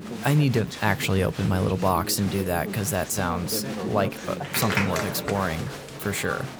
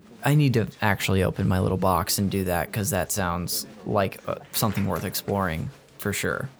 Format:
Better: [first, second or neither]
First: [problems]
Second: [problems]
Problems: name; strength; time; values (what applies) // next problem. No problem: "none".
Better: second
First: crowd noise; loud; throughout; 7 dB below the speech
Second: crowd noise; faint; throughout; 20 dB below the speech